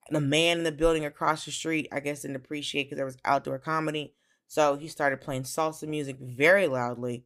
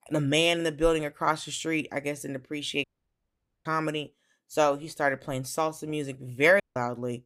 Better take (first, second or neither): first